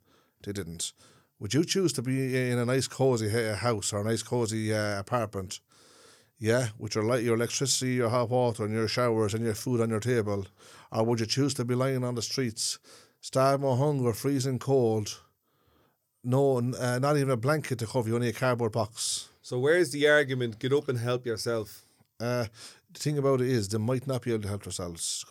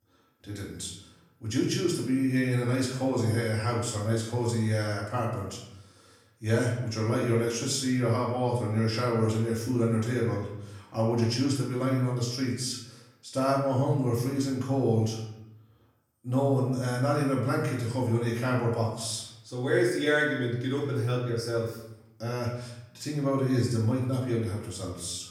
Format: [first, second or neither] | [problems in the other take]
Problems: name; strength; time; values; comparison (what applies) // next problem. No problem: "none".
first | off-mic speech; far // room echo; noticeable; dies away in 0.8 s